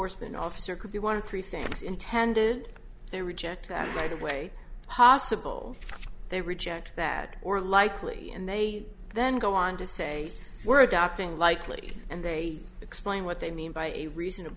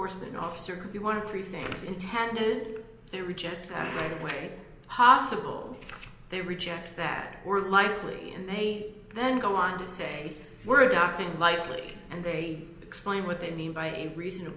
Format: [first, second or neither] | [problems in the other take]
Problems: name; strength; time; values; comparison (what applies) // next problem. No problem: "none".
first | room echo; dies away in 0.8 s